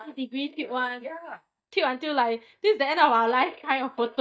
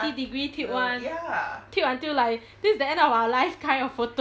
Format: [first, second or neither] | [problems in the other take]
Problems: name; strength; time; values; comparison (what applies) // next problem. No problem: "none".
second | noise reduction (neural mask model DeepFilterNet 3)